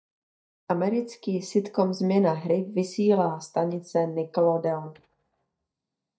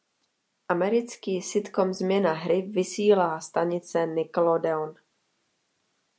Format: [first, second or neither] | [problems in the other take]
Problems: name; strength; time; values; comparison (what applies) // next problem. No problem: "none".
second | noise reduction (neural mask model DeepFilterNet 3)